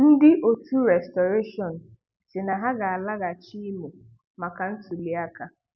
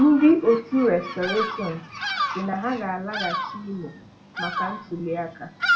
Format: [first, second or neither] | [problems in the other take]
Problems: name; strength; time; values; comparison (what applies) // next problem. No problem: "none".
first | background sound (Bird vocalization, bird call, bird song); 6 dB below the speech // room echo; dies away in 0.2 s